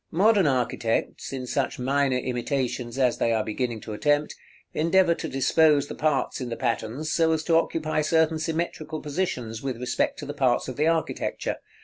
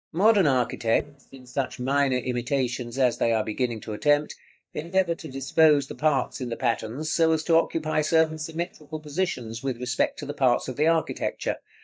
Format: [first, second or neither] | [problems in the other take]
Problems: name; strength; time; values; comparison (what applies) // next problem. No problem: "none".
first | noise reduction (neural mask model DeepFilterNet 3)